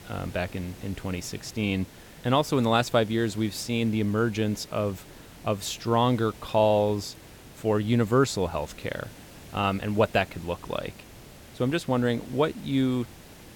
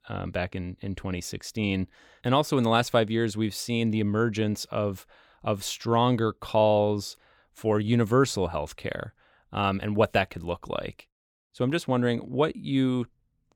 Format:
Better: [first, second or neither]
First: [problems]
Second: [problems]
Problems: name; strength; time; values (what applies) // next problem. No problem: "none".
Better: second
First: hiss; noticeable; throughout; 20 dB below the speech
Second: none